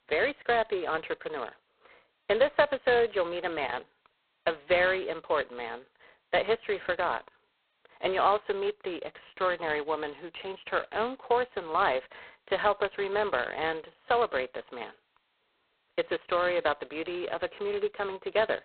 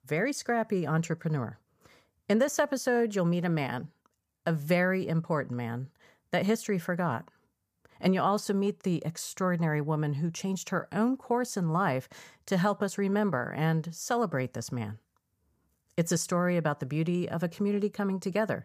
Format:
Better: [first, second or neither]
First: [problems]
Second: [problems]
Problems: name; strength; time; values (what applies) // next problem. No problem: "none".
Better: second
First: phone-call audio; poor line; nothing above 4 kHz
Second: none